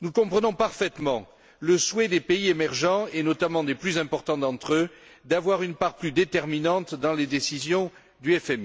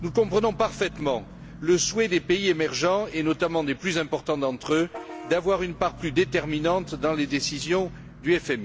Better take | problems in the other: first | background sound (Bus / Vehicle horn, car horn, honking); 16 dB below the speech

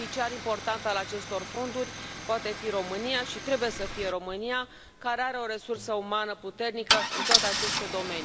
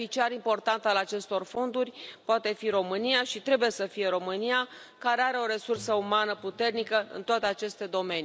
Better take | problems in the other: second | background sound (Idling / Engine starting / Car); 2 dB below the speech

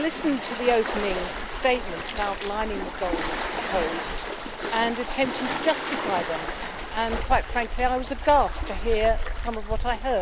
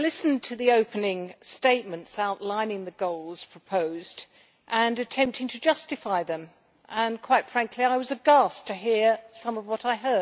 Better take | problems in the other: second | background sound (Waves, surf); 3 dB below the speech

